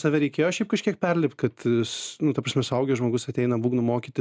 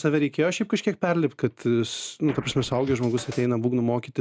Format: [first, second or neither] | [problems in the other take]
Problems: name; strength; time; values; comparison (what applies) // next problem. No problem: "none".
first | background sound (Scratching (performance technique)); 16 dB below the speech